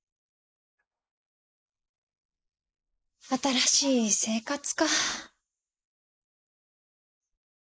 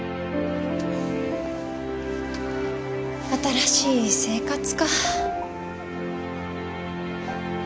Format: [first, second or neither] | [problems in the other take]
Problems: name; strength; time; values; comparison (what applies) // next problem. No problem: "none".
second | noise reduction (neural mask model Resemble Enhance denoiser)